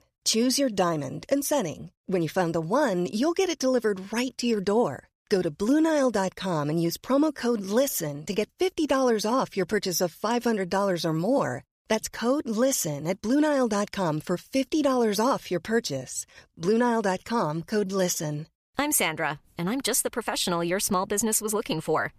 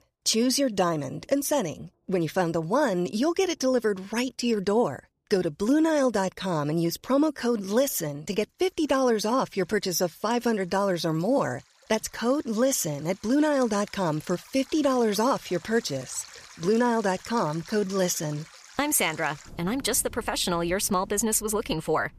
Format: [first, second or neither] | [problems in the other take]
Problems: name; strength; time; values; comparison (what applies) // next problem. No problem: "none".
first | rain or running water; faint; throughout; 20 dB below the speech